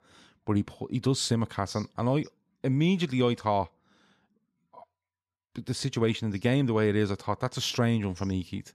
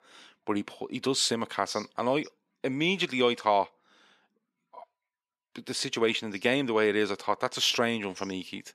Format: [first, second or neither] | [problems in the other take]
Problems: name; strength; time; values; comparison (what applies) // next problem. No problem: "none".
first | thin; somewhat; fading below 350 Hz